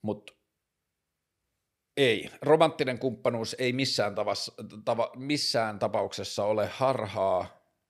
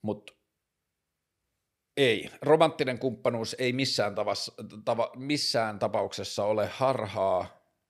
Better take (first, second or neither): neither